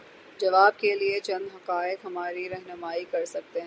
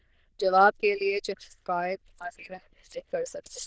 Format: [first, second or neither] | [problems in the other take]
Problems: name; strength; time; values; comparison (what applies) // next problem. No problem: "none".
first | noise reduction (neural diffusion model UNIVERSE++)